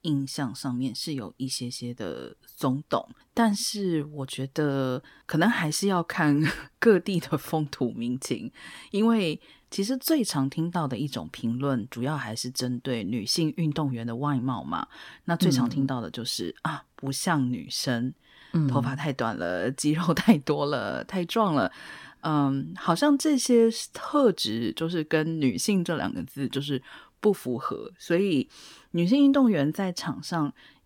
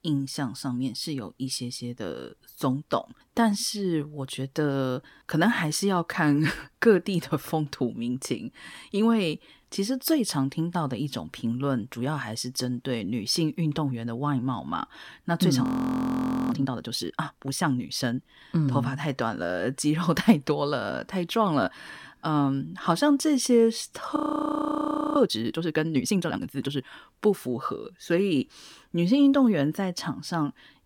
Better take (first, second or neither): first